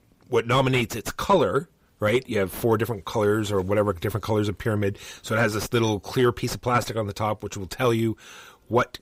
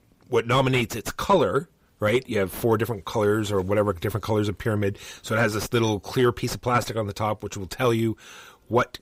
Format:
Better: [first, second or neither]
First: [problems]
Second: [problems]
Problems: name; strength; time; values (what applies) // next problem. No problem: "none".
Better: neither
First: distortion; slight; 10 dB below the speech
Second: distortion; slight; 10 dB below the speech